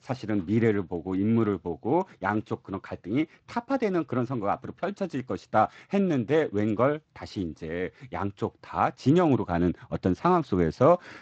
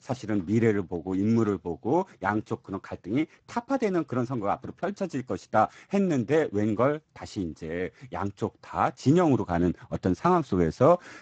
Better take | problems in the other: first | garbled, watery; badly; nothing above 7.5 kHz; slightly in the first

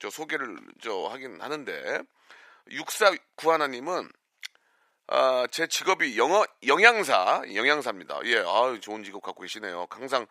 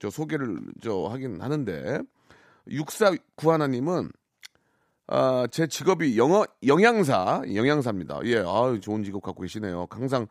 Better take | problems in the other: second | thin; very; fading below 600 Hz

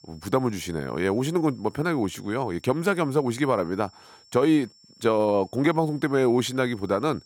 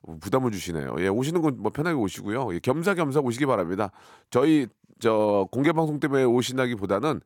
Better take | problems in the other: second | high-pitched whine; faint; throughout; 5.5 kHz, 30 dB below the speech

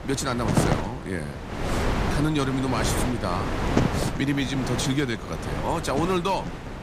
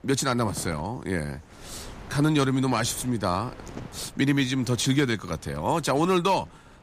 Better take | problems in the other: second | wind noise on the microphone; heavy; 2 dB below the speech; occasional gusts in the second

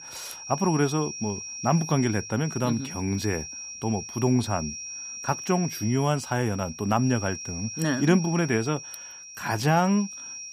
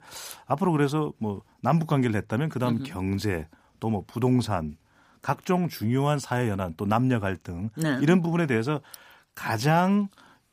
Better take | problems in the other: second | high-pitched whine; loud; throughout; 5.5 kHz, 9 dB below the speech

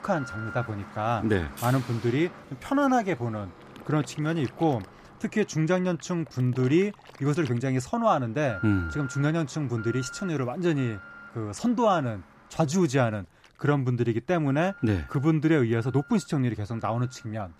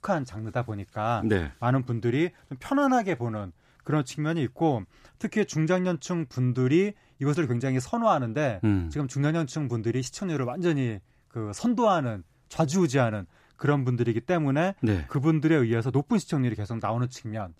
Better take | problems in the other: second | alarms or sirens; noticeable; throughout; 15 dB below the speech

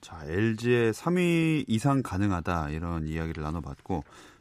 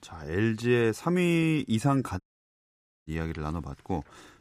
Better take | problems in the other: first | audio cutting out; at 2 s for 1 s

